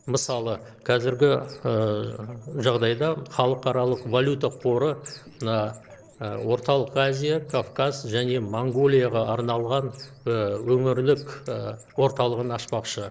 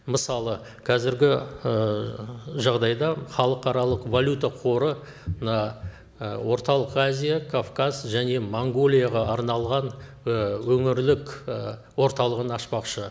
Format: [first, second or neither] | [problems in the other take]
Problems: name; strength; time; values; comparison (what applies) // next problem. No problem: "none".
second | noise reduction (neural separator model SepFormer DNS4)